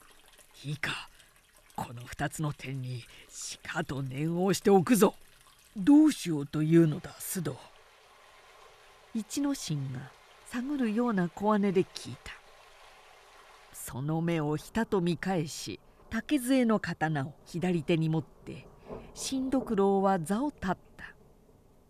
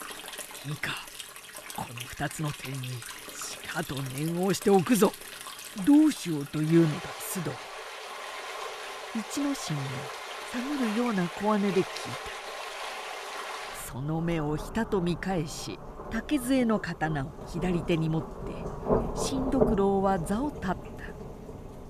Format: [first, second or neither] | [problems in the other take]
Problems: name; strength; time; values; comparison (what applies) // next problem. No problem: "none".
first | rain or running water; loud; throughout; 8 dB below the speech; faint in the first